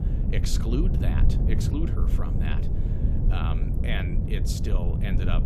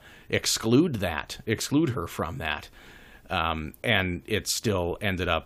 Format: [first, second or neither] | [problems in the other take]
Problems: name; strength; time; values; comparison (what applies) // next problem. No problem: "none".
second | low rumble; loud; throughout; 2 dB below the speech